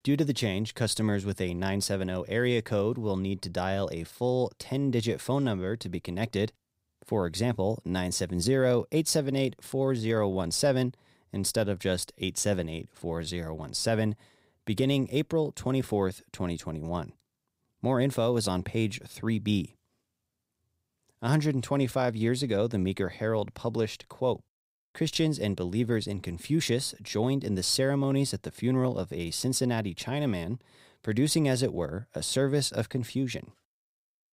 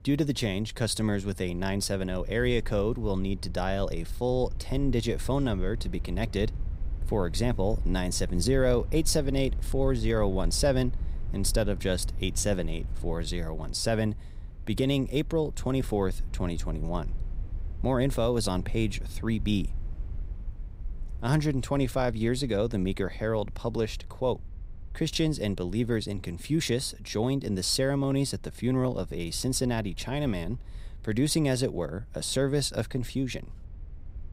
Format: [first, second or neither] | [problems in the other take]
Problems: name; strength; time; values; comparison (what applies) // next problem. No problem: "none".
first | low rumble; faint; throughout; 25 dB below the speech